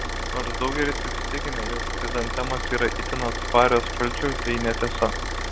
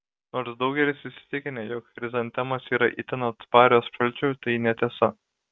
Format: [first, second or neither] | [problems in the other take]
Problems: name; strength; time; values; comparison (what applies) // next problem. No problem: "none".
second | background sound (Idling / Car); 1 dB below the speech